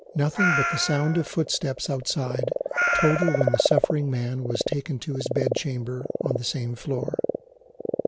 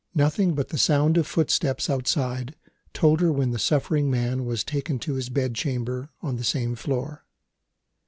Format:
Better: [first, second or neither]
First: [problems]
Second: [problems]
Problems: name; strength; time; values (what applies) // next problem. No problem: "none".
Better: second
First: background sound (Frog + Meow); 1 dB below the speech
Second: none